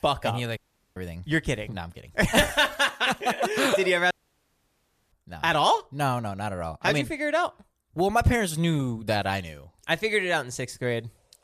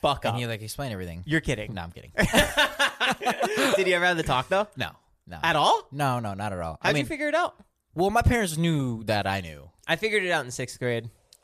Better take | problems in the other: second | audio cutting out; at 0.5 s and at 4 s for 1 s

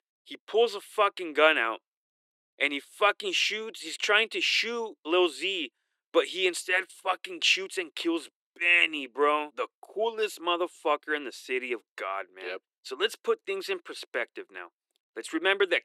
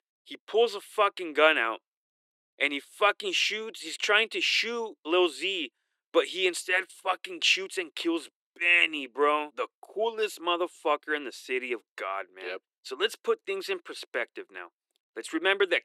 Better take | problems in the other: neither | thin; very; fading below 350 Hz; the same in both

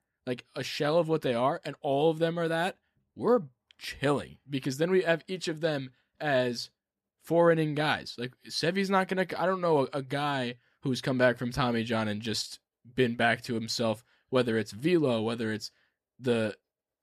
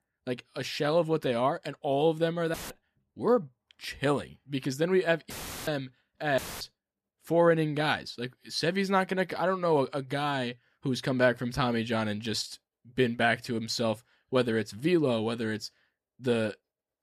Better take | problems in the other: first | audio cutting out; filled with static; at 2.5 s, at 5.5 s and at 6.5 s

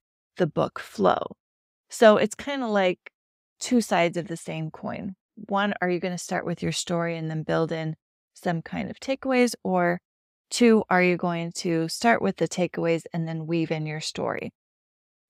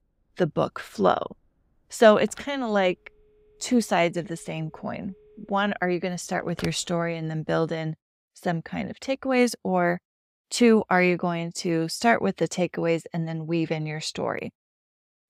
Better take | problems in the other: first | phone ringing; faint; from 2.5 to 6.5 s; peak 15 dB below the speech

